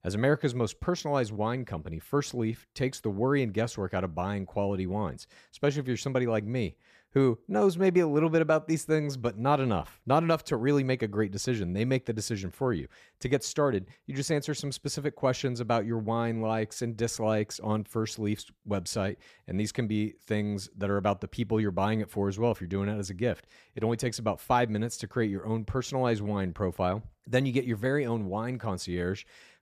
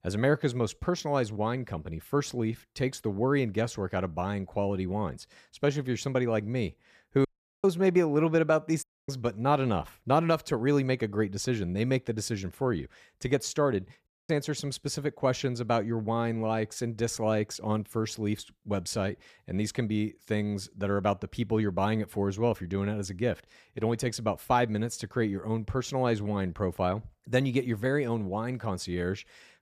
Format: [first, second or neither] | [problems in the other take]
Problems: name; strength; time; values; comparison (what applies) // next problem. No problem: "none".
first | audio cutting out; at 7.5 s, at 9 s and at 14 s